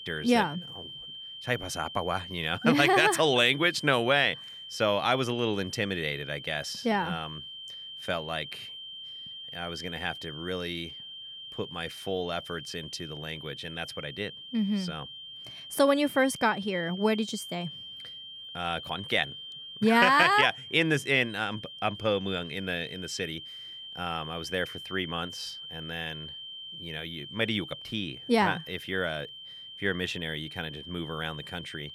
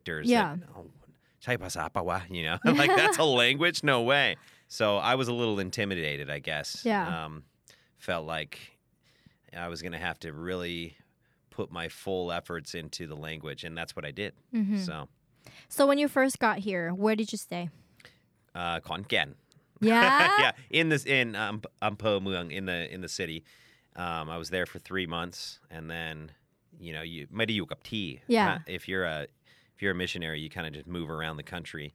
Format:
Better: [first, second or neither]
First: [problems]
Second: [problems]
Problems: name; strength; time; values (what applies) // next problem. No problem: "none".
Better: second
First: high-pitched whine; noticeable; throughout; 3 kHz, 10 dB below the speech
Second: none